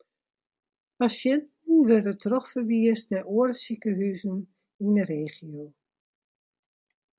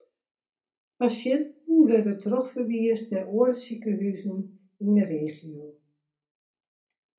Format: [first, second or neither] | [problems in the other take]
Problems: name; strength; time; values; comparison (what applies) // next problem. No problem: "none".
first | room echo; dies away in 0.3 s